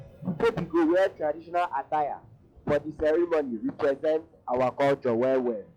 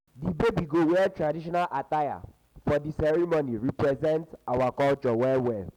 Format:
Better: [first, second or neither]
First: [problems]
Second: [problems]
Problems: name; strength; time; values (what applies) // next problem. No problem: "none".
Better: second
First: noise reduction (classical method log-MMSE)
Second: none